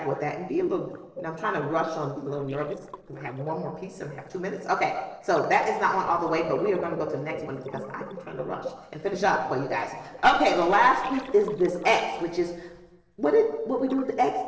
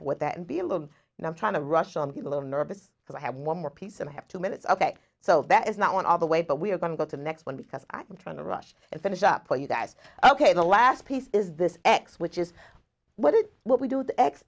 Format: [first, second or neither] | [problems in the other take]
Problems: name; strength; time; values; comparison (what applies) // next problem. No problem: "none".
second | noise reduction (neural separator model SepFormer DNS4)